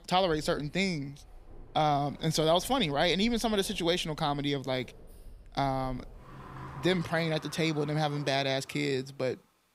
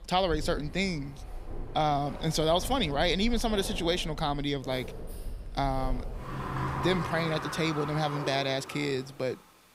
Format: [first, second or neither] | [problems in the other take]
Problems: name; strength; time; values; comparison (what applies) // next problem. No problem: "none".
first | household noises; loud; throughout; 9 dB below the speech; faint in the first